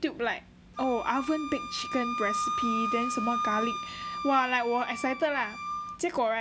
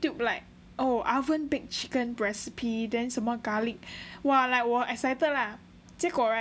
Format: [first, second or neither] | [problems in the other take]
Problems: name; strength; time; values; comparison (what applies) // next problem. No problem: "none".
second | background sound (Wind instrument, woodwind instrument); 4 dB below the speech